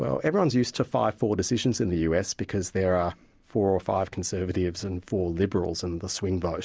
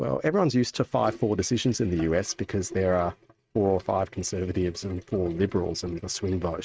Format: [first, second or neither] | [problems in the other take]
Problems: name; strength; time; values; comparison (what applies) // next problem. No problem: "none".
first | noise reduction (neural mask model RNNoise)